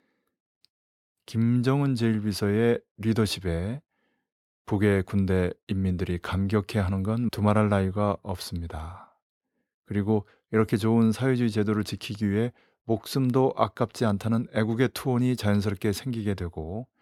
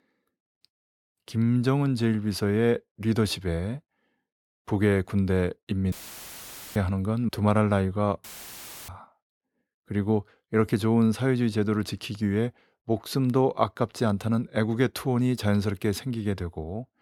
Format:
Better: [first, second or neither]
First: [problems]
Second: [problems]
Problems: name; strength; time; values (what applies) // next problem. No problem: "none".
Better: first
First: none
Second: audio cutting out; filled with static; at 6 s for 1 s and at 8 s for 0.5 s